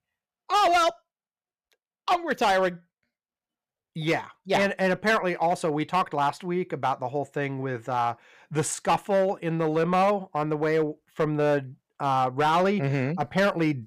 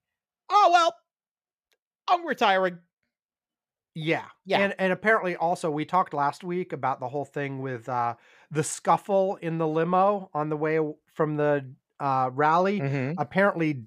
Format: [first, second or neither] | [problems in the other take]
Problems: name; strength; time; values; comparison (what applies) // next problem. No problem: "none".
second | distortion; slight; 5% of the sound clipped